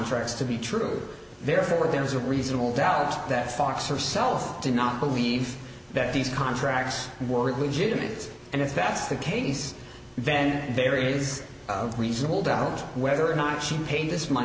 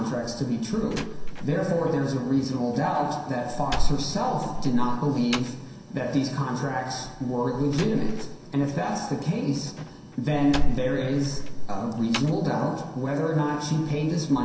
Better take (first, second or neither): first